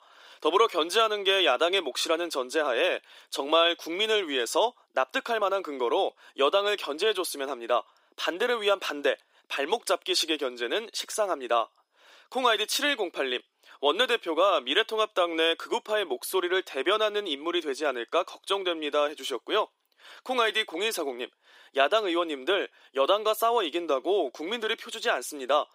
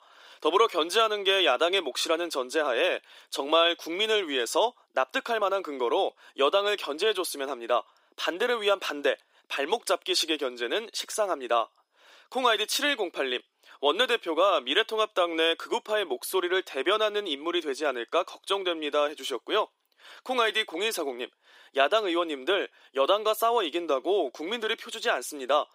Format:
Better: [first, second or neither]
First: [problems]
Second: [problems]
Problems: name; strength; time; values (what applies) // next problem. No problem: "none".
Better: neither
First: thin; very; fading below 350 Hz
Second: thin; very; fading below 350 Hz